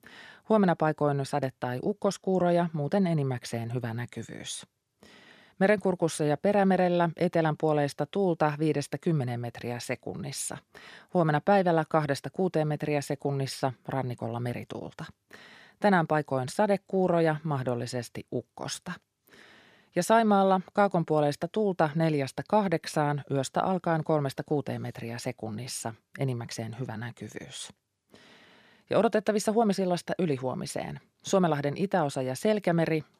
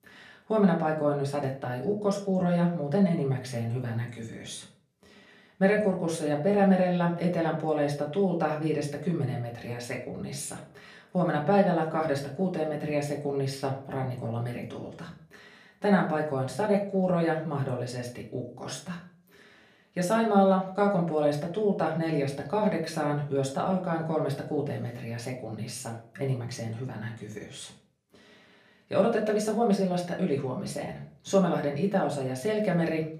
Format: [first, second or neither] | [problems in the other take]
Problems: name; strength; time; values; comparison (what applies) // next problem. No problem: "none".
first | room echo; slight; dies away in 0.4 s // off-mic speech; far